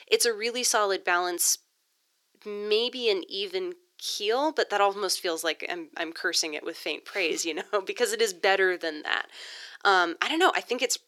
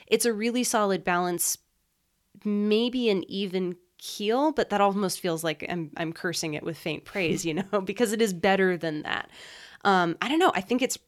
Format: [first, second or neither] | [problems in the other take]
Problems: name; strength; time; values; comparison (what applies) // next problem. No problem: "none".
second | thin; very; fading below 350 Hz